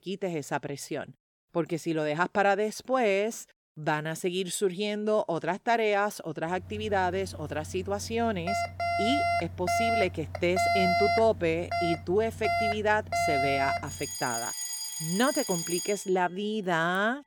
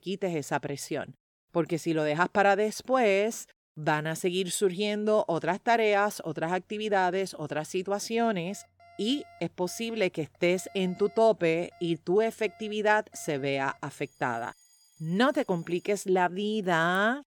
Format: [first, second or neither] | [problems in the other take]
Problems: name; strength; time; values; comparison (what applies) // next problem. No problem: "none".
second | alarms or sirens; loud; from 6.5 s on; as loud as the speech; faint in the second